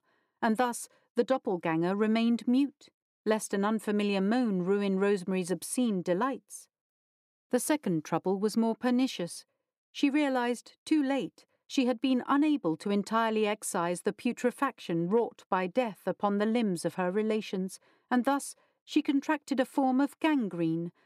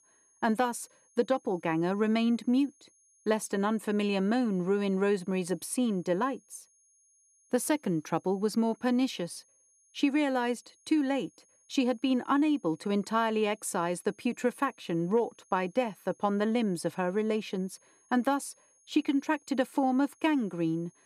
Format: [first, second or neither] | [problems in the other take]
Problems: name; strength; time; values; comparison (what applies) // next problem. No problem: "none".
first | high-pitched whine; faint; throughout; 6.5 kHz, 35 dB below the speech